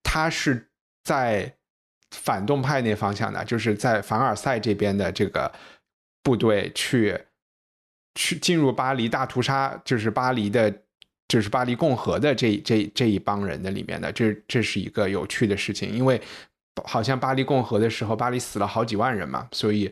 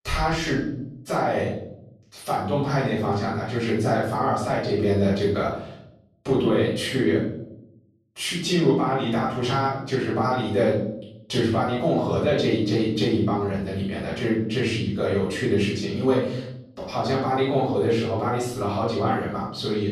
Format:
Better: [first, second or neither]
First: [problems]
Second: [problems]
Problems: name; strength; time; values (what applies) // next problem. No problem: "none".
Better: first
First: none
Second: off-mic speech; far // room echo; noticeable; dies away in 0.8 s